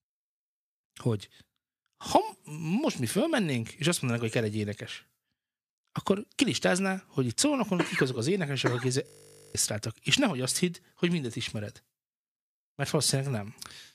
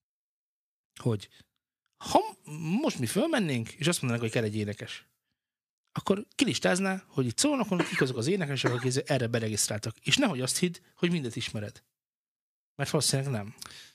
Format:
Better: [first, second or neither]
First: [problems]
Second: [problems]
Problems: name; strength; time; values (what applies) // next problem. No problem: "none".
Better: second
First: audio freezing; at 9 s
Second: none